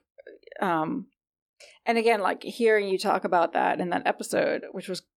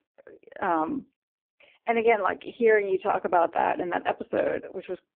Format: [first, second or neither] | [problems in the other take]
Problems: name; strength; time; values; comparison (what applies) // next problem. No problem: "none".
first | phone-call audio; poor line